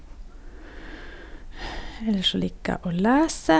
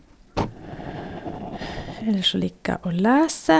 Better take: first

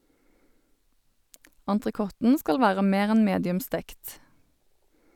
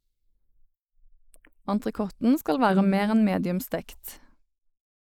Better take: first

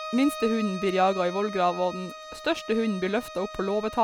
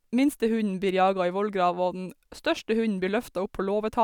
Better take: second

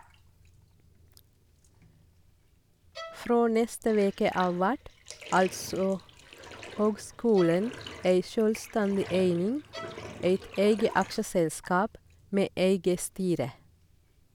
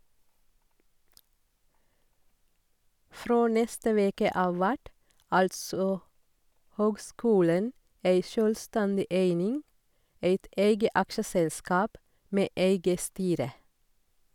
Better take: second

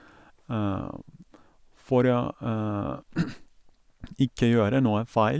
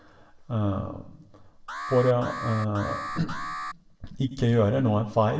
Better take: first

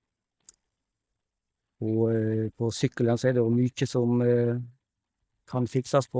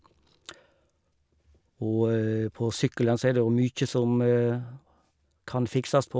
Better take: second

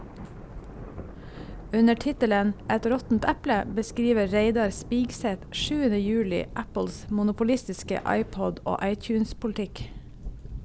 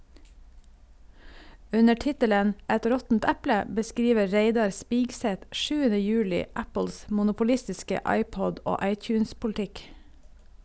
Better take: second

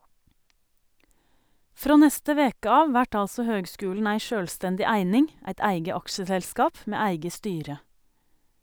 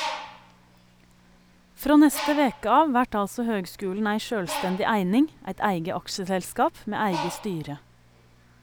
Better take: first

